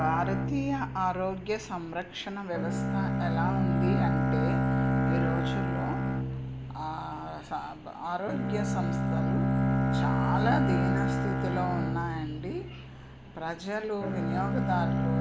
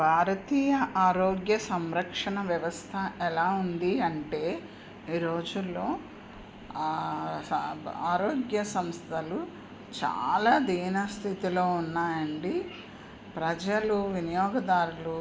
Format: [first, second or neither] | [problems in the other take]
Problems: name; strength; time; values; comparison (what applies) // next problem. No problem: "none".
second | background sound (Bowed string instrument); 5 dB above the speech